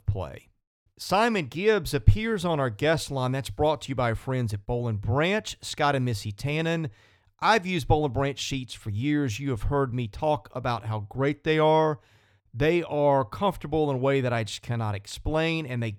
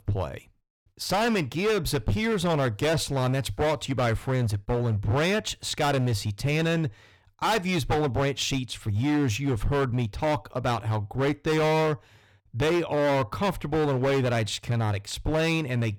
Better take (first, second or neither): first